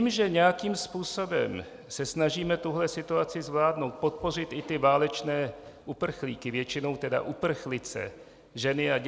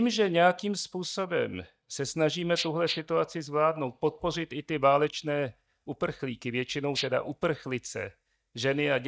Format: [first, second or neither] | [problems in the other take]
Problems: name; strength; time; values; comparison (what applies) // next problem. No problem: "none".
first | noise reduction (neural mask model DeepFilterNet 3)